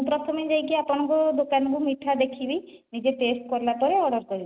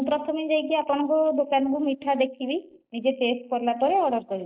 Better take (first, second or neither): first